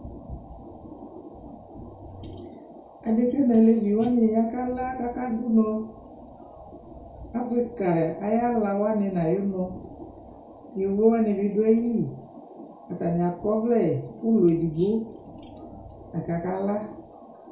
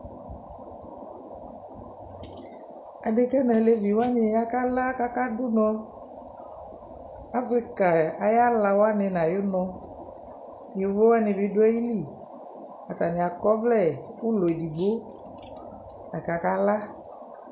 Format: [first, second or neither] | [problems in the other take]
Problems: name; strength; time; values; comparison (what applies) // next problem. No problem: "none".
second | room echo; dies away in 0.3 s